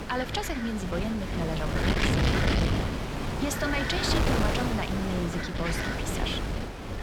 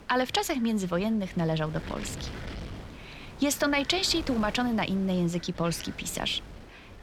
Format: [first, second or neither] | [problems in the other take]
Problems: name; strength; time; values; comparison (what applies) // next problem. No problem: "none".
second | wind noise on the microphone; heavy; 2 dB above the speech; occasional gusts in the second